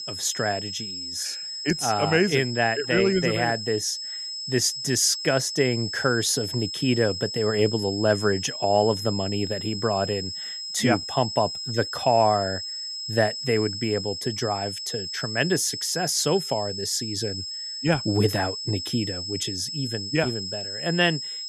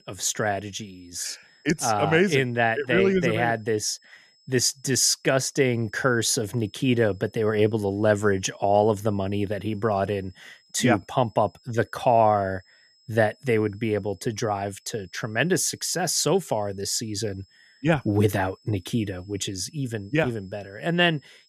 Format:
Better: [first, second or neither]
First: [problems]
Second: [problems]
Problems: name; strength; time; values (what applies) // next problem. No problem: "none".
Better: second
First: high-pitched whine; loud; throughout; 5 kHz, 6 dB below the speech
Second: high-pitched whine; faint; throughout; 5 kHz, 35 dB below the speech